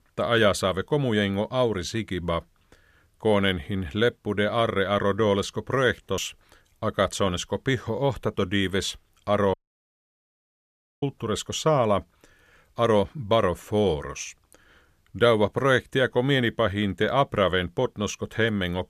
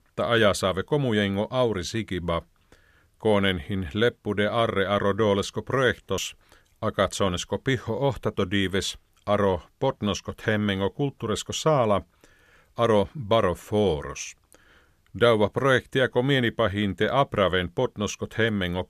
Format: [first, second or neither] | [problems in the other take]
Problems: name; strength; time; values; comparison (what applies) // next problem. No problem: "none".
second | audio cutting out; at 9.5 s for 1.5 s